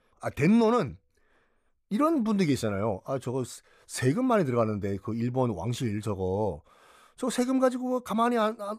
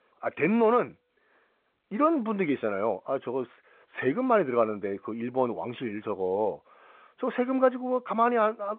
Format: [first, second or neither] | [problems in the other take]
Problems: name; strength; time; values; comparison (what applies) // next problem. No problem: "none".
first | phone-call audio; nothing above 3.5 kHz